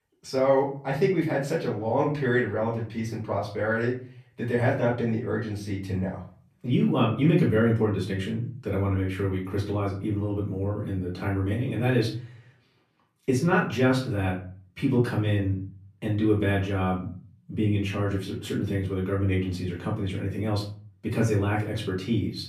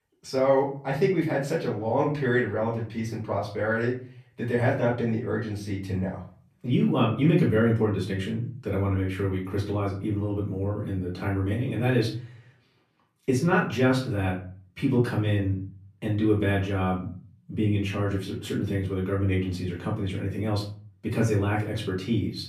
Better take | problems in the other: neither | room echo; slight; dies away in 0.5 s; the same in both // off-mic speech; far; the same in both

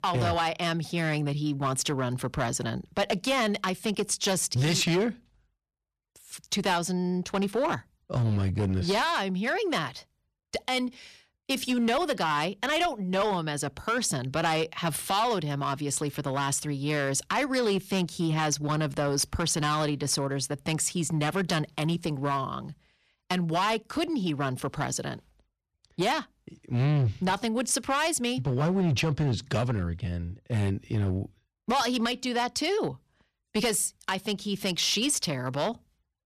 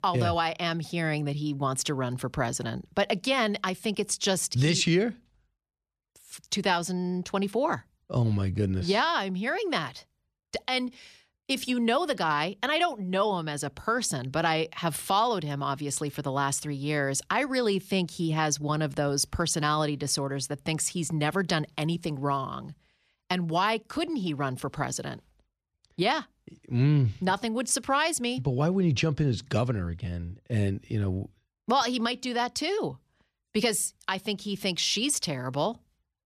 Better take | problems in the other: second | distortion; slight; 8% of the sound clipped

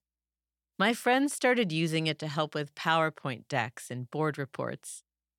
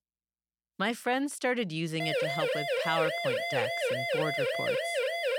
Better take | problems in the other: first | siren; loud; from 2 s on; peak 4 dB above the speech

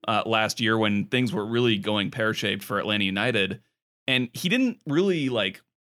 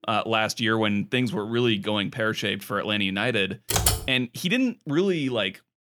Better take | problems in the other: first | keyboard typing; loud; at 3.5 s; peak 3 dB above the speech

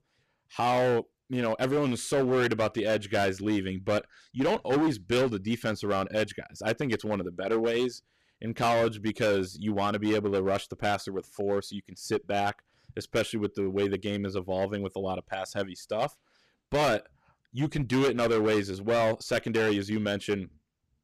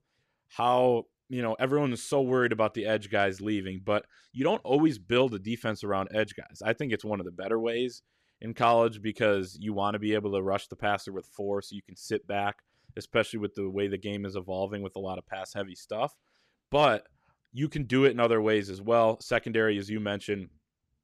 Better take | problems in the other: second | distortion; heavy; 11% of the sound clipped

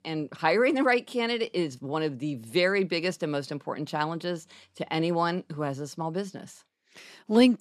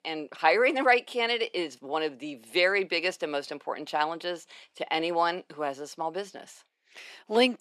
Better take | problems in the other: first | thin; somewhat; fading below 400 Hz

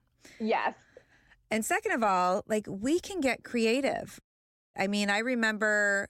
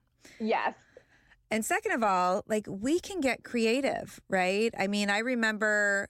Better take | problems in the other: second | audio cutting out; at 4 s for 0.5 s

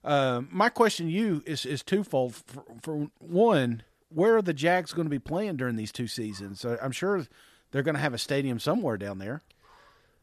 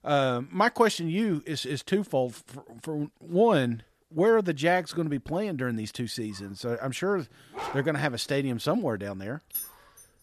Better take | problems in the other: first | dog barking; noticeable; at 7.5 s; peak 9 dB below the speech // jangling keys; noticeable; at 9.5 s; peak 7 dB below the speech

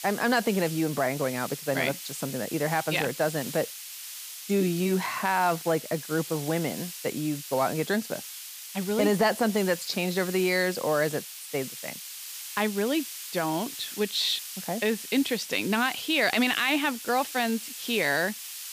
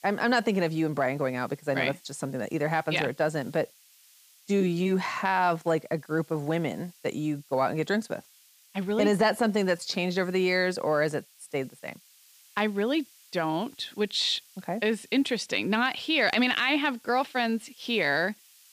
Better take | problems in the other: second | hiss; loud; throughout; 10 dB below the speech; faint in the second

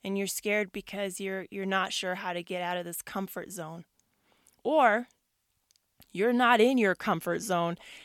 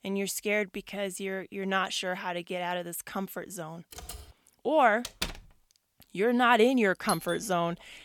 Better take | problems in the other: first | keyboard typing; faint; at 4 s; peak 15 dB below the speech // door banging; noticeable; at 5 s; peak 7 dB below the speech // doorbell; noticeable; at 7 s; peak 9 dB below the speech

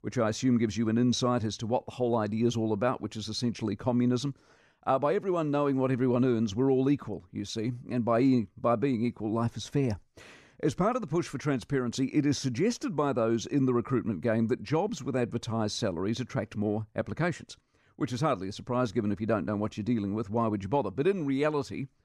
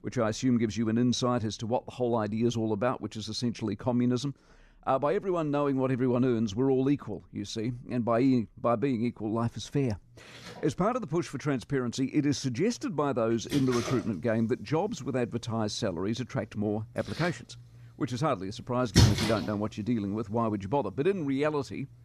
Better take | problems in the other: first | rain or running water; loud; throughout; 1 dB below the speech

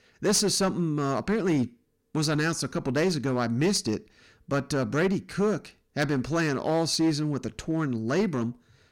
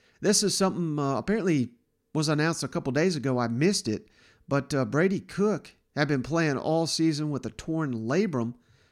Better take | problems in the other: second | distortion; slight; 6% of the sound clipped

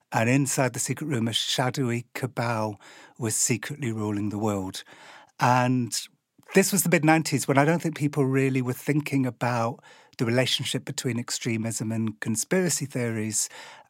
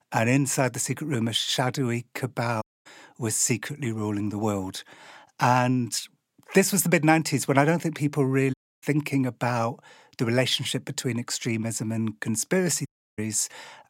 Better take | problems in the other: first | audio cutting out; at 2.5 s, at 8.5 s and at 13 s

